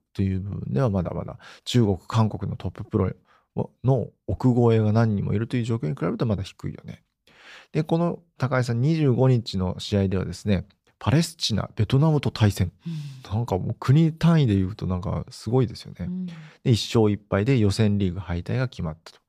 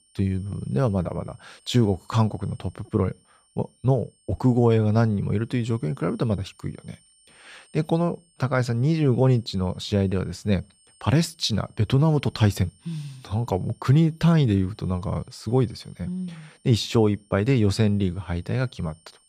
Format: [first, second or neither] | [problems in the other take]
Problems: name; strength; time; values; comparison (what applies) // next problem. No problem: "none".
first | high-pitched whine; faint; throughout; 9 kHz, 35 dB below the speech